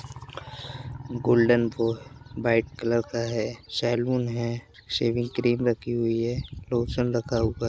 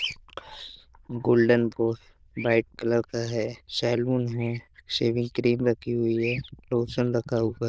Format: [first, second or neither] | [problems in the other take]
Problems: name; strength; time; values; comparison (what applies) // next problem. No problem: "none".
first | noise reduction (neural diffusion model UNIVERSE++)